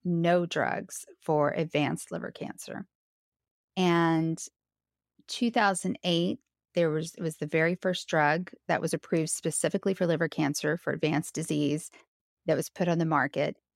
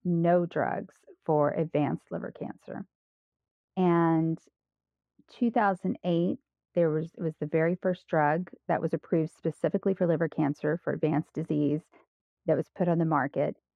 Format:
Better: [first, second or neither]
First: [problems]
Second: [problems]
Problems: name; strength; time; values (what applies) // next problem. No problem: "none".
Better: first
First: none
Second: muffled; very; fading above 3 kHz